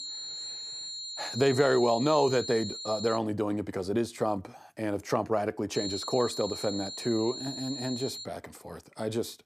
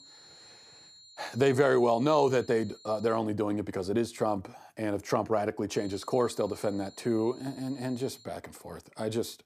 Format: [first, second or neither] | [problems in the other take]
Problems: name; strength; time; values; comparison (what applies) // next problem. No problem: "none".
second | high-pitched whine; loud; until 3 s and from 6 to 8 s; 4 kHz, 7 dB below the speech; faint in the second